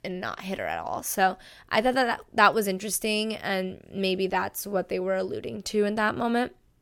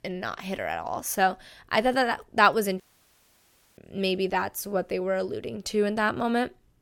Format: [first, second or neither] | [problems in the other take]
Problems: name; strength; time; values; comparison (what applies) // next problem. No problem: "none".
first | audio cutting out; at 3 s for 1 s